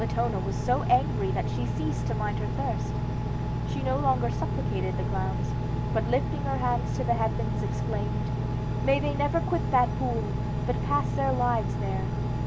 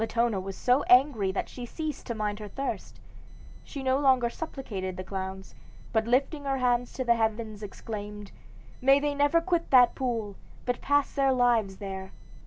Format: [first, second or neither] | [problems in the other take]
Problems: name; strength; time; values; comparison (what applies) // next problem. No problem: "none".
second | background sound (Engine); 2 dB above the speech